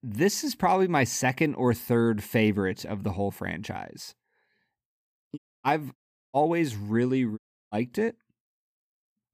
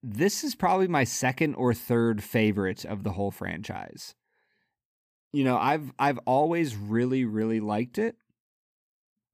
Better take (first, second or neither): second